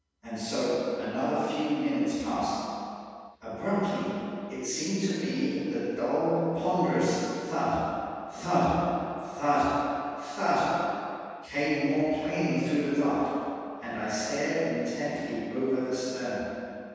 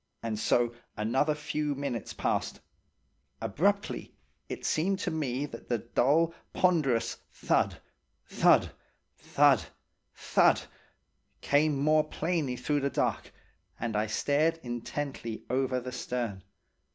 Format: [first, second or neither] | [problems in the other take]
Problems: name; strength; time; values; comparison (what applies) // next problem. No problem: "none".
second | room echo; dies away in 2.1 s